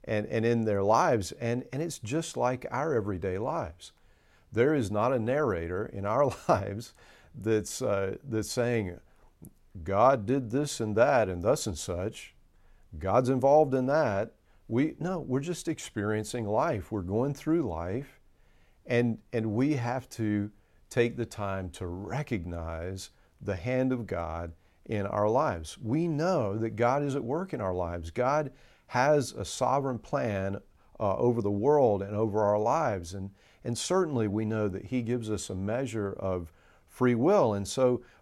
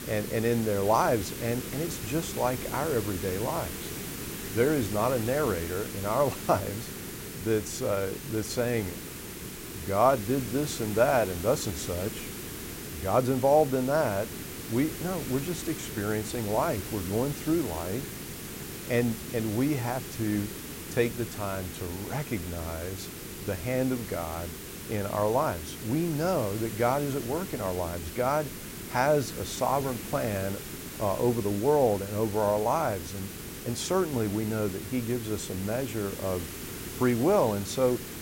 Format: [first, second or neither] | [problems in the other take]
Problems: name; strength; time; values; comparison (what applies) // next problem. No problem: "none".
first | hiss; loud; throughout; 8 dB below the speech